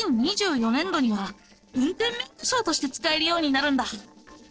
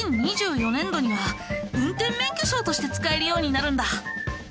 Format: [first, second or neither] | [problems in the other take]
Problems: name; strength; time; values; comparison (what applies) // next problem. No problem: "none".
second | noise reduction (neural separator model SepFormer DNS4)